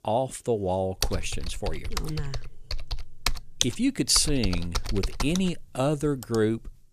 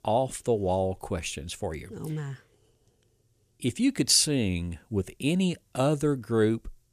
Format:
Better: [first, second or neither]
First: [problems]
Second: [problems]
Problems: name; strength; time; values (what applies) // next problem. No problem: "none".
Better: second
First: keyboard typing; loud; from 1 to 6.5 s; peak 1 dB above the speech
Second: none